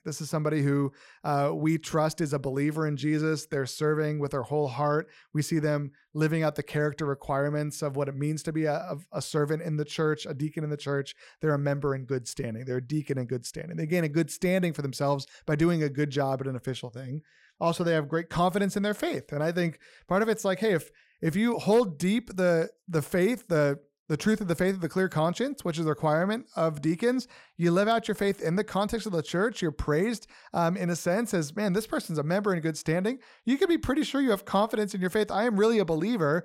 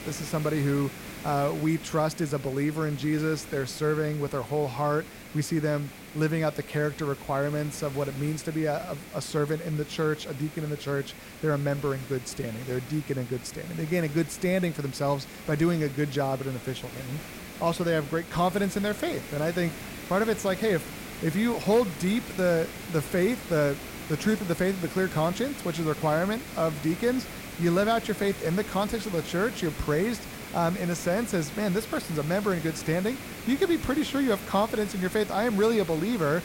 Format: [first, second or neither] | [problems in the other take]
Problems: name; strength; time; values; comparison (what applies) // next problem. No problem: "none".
first | hiss; noticeable; throughout; 10 dB below the speech